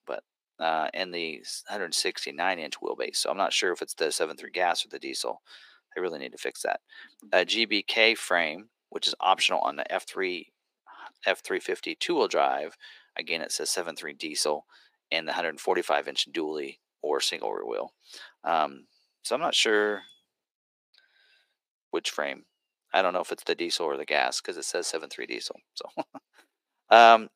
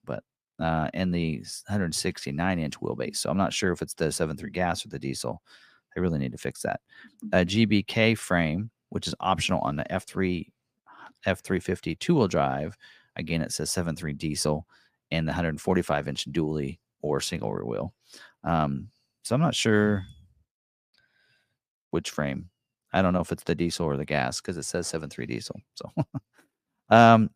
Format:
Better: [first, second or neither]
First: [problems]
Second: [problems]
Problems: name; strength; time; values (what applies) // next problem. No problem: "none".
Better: second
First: thin; very; fading below 350 Hz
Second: none